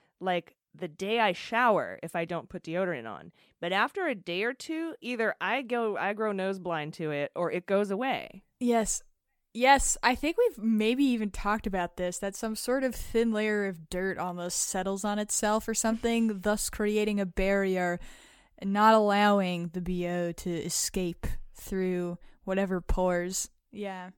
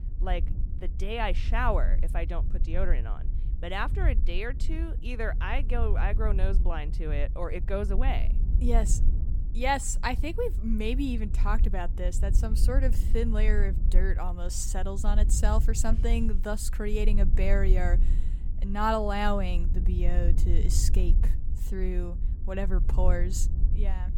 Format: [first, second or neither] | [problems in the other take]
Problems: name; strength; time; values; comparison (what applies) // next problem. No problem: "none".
first | wind noise on the microphone; occasional gusts; 15 dB below the speech